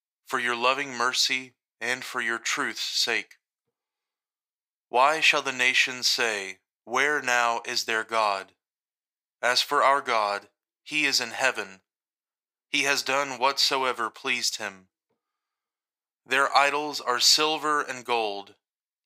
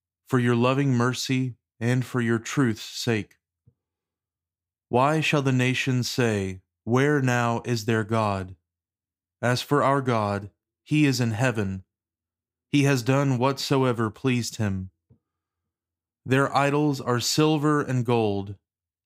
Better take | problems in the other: second | thin; very; fading below 750 Hz

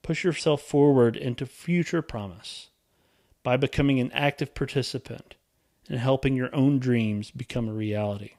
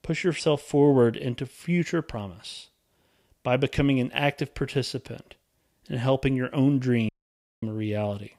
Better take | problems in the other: first | audio cutting out; at 7 s for 0.5 s

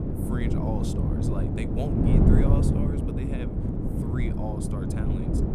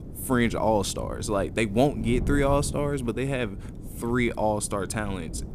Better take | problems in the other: second | wind noise on the microphone; heavy; 5 dB above the speech; occasional gusts in the second

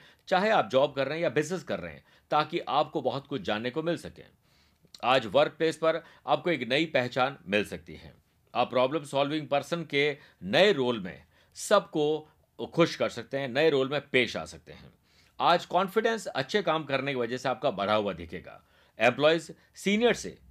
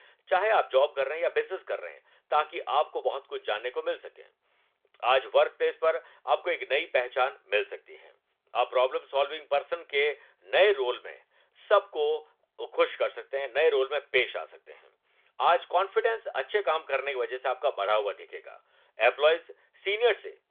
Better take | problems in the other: first | phone-call audio; nothing above 3.5 kHz

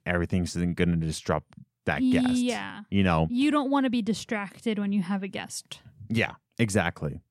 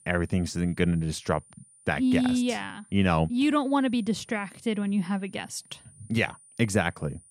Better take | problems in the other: first | high-pitched whine; faint; throughout; 9.5 kHz, 25 dB below the speech

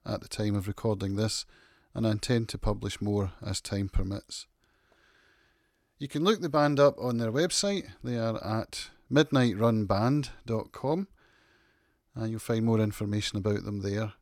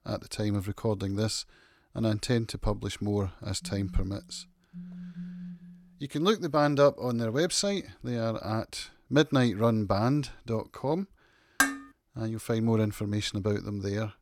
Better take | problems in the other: first | phone ringing; faint; from 3.5 to 6 s; peak 10 dB below the speech // clattering dishes; loud; at 12 s; peak 2 dB above the speech

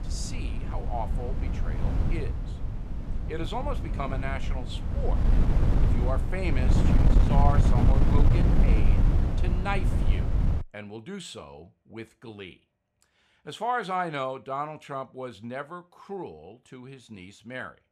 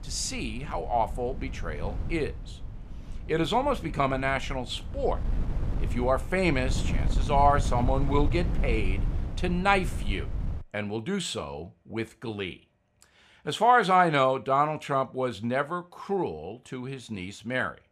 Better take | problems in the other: second | wind noise on the microphone; heavy; until 11 s; 3 dB below the speech; occasional gusts in the second

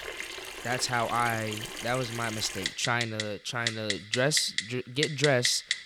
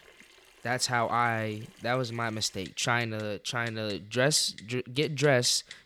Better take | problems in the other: second | household noises; loud; throughout; 5 dB below the speech; faint in the second

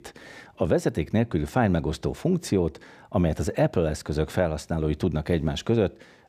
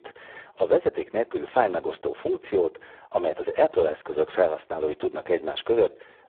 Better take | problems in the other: first | phone-call audio; poor line; nothing above 3.5 kHz

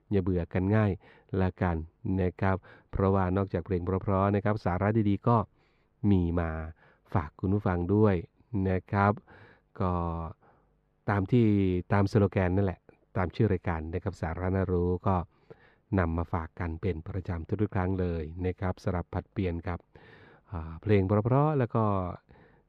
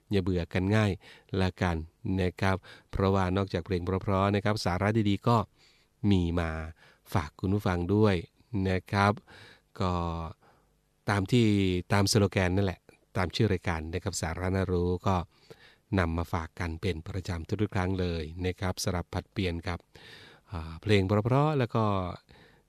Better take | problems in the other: second | muffled; very; fading above 3 kHz

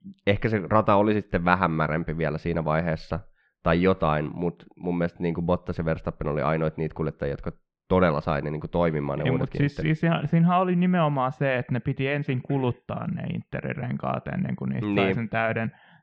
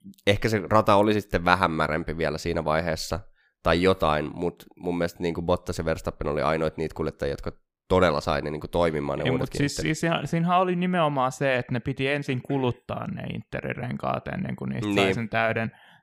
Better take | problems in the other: second | muffled; slightly; fading above 3 kHz

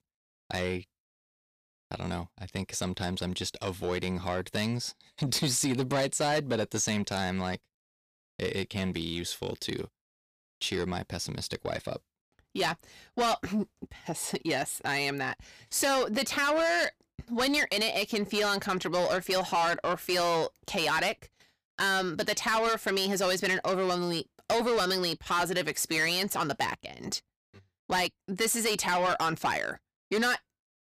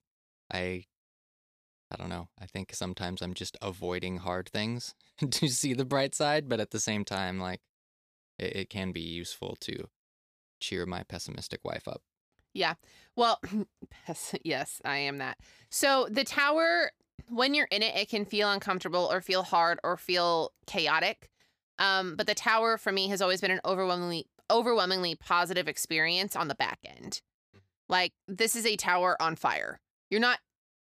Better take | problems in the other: second | distortion; heavy; 8 dB below the speech

